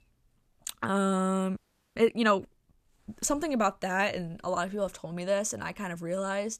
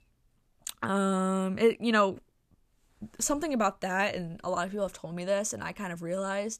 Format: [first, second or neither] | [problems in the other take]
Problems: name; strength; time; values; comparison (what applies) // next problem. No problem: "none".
second | audio freezing; at 1.5 s